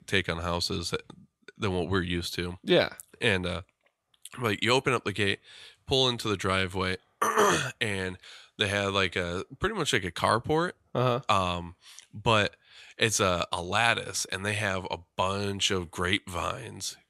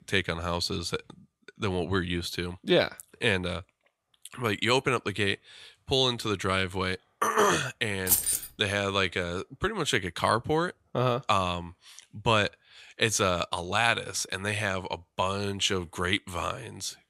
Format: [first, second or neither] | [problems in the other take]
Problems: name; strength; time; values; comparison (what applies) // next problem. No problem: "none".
first | jangling keys; loud; at 8 s; peak 5 dB above the speech